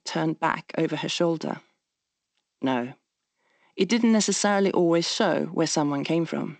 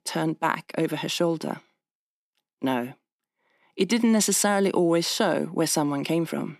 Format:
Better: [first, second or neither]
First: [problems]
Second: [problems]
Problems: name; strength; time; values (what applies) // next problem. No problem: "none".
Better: second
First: garbled, watery; slightly; nothing above 8 kHz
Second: none